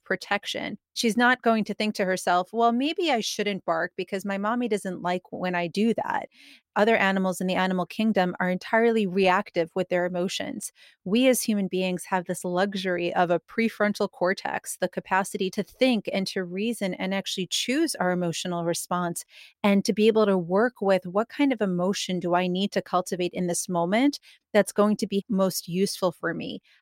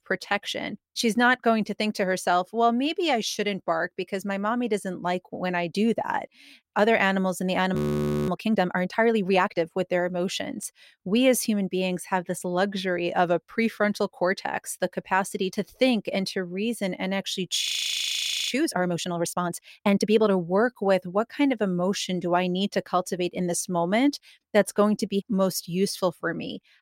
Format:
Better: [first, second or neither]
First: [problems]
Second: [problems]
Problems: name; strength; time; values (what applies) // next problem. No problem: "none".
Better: first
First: none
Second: audio freezing; at 8 s for 0.5 s and at 18 s for 1 s